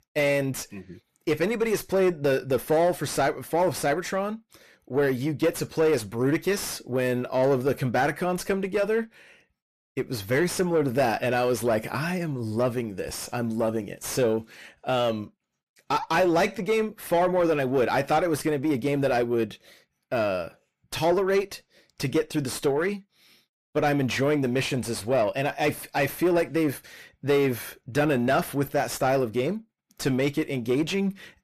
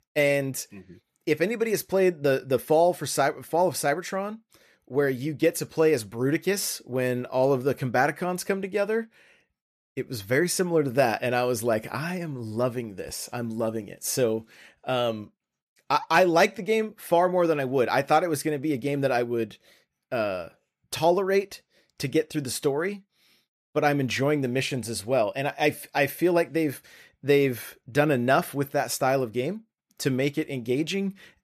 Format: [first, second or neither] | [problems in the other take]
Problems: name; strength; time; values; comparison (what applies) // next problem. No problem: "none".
second | distortion; slight; 10 dB below the speech